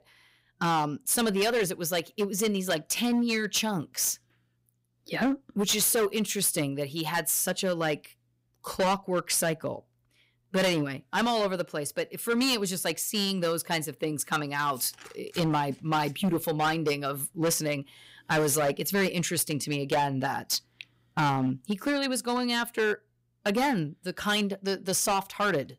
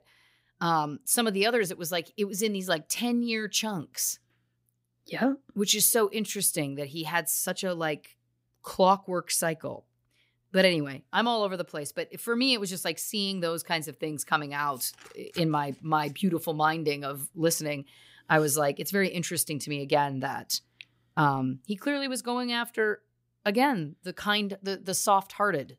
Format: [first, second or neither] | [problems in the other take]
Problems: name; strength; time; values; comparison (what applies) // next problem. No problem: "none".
second | distortion; heavy; 9% of the sound clipped